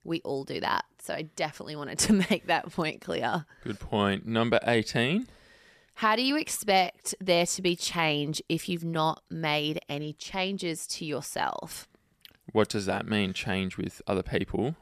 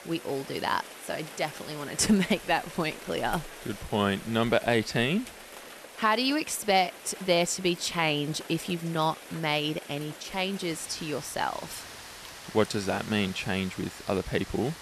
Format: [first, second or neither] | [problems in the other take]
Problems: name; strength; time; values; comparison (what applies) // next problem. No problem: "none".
first | rain or running water; noticeable; throughout; 15 dB below the speech